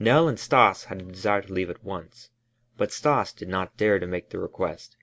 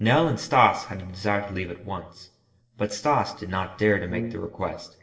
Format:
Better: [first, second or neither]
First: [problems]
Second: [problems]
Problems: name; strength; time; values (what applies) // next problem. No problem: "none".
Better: first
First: none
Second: noise reduction (neural separator model SepFormer DNS4)